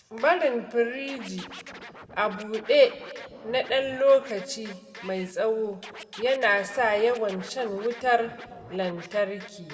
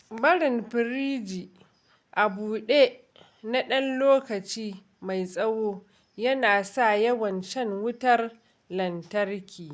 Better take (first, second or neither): second